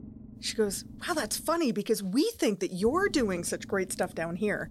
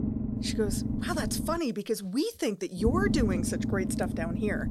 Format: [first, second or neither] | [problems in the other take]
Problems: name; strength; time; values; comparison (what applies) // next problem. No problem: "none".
first | low rumble; loud; until 1.5 s and from 3 s on; 5 dB below the speech; faint in the first